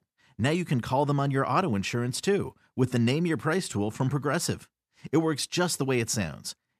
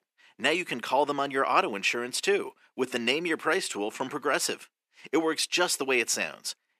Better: first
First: none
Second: thin; somewhat; fading below 350 Hz

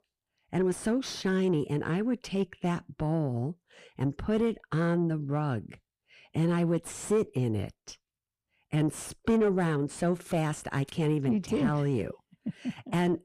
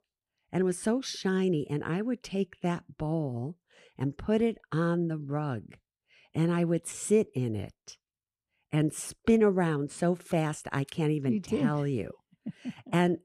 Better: second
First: distortion; slight; 10 dB below the speech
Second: none

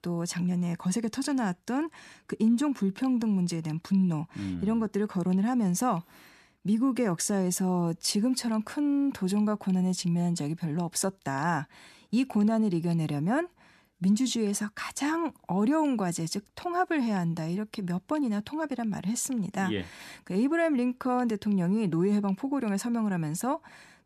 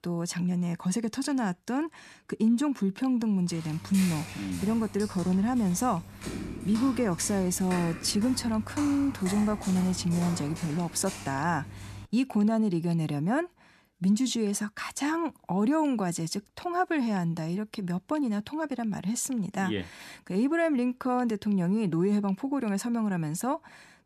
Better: first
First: none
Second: footsteps; noticeable; from 3.5 to 12 s; peak 7 dB below the speech

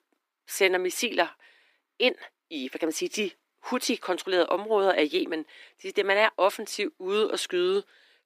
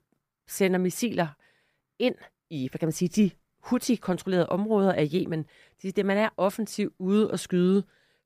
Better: second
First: thin; somewhat; fading below 300 Hz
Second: none

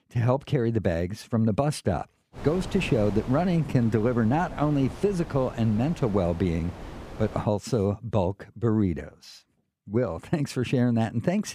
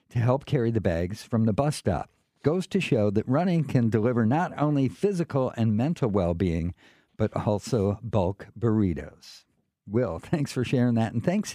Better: second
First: wind noise on the microphone; occasional gusts; from 2.5 to 7.5 s; 15 dB below the speech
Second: none

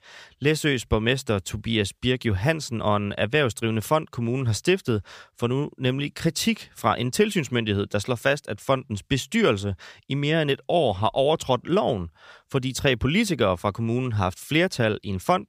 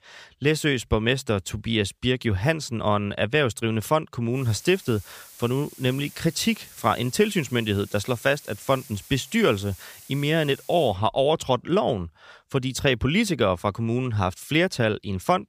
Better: first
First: none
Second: hiss; noticeable; from 4.5 to 11 s; 20 dB below the speech

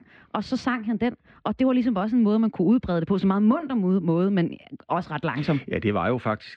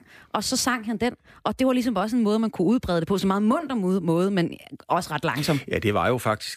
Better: second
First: muffled; slightly; fading above 3 kHz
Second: none

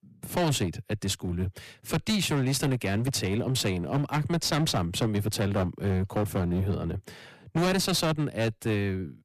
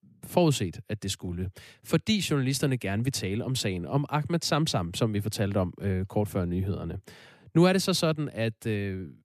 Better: second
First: distortion; heavy; 17% of the sound clipped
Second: none

